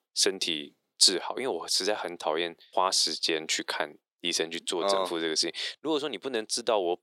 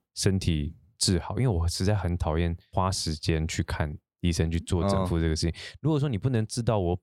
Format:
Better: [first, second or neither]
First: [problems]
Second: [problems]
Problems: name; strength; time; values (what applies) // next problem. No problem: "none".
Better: second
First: thin; very; fading below 350 Hz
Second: none